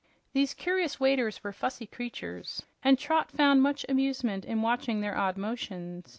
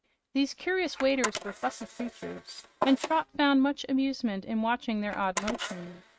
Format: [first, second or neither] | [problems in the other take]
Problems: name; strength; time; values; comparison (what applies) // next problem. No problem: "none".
first | noise reduction (neural mask model RNNoise)